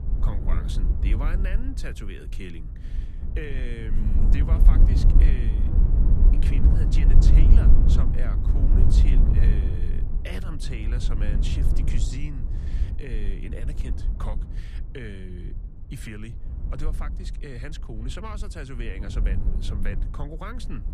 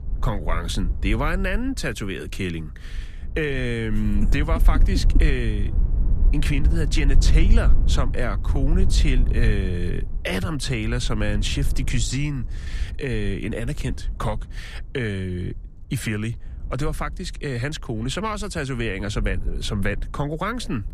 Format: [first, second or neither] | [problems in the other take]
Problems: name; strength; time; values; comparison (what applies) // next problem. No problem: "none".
second | wind noise on the microphone; heavy; as loud as the speech; occasional gusts in the second